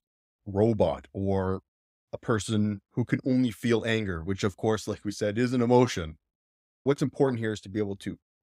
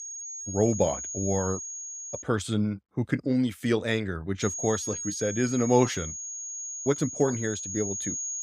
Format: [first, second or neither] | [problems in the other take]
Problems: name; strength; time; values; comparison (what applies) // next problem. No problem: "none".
first | high-pitched whine; loud; until 2 s and from 4.5 s on; 6.5 kHz, 5 dB below the speech